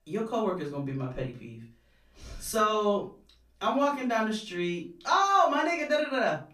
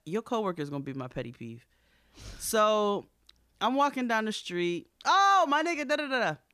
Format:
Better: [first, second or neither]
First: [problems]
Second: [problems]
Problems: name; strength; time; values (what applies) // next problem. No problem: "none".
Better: second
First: off-mic speech; far // room echo; slight; dies away in 0.3 s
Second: none